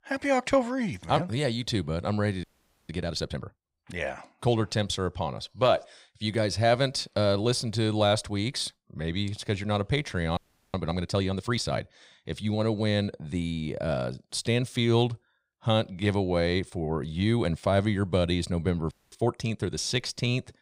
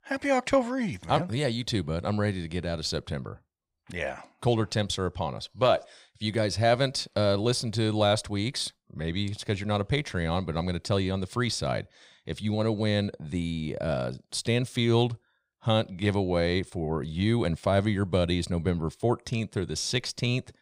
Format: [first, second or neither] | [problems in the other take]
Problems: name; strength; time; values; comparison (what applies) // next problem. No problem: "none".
second | audio freezing; at 2.5 s, at 10 s and at 19 s